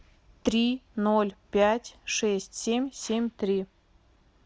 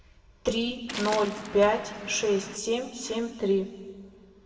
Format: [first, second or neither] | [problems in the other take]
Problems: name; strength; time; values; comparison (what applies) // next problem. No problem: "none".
first | background sound (Waves, surf); 13 dB below the speech // room echo; dies away in 1.4 s